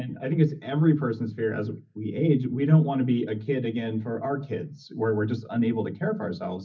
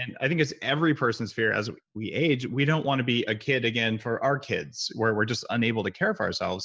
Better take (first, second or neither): second